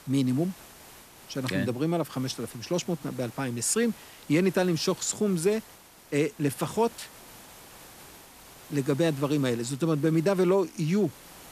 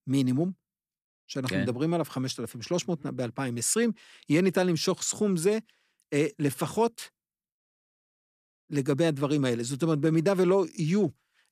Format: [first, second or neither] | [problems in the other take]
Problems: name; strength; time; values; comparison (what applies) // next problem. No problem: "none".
second | hiss; faint; throughout; 20 dB below the speech